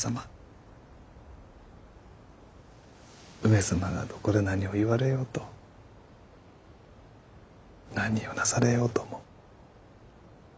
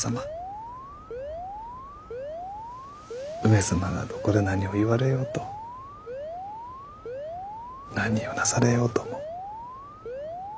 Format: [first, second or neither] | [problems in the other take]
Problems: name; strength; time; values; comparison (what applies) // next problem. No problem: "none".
first | background sound (Alarm); 9 dB below the speech